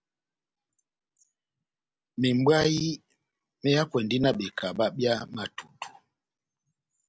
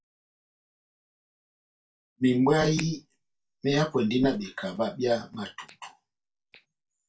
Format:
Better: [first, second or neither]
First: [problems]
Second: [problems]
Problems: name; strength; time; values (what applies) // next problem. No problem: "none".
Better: first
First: none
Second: noise reduction (neural mask model DeepFilterNet 3)